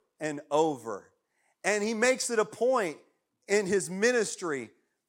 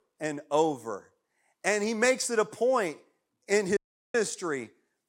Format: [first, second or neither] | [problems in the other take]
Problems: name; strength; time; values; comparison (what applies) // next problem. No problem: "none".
first | audio cutting out; at 4 s